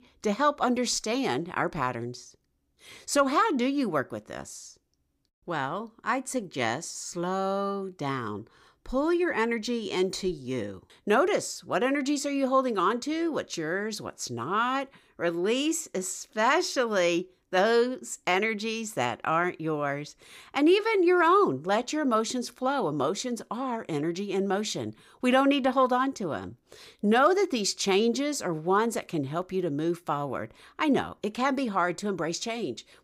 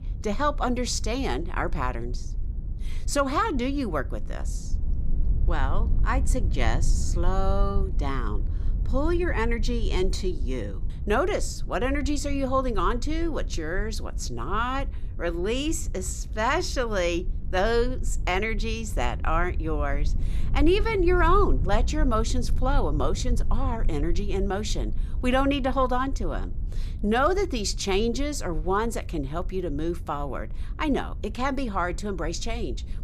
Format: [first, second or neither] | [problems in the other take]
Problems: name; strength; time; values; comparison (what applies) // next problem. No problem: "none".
first | low rumble; faint; throughout; 20 dB below the speech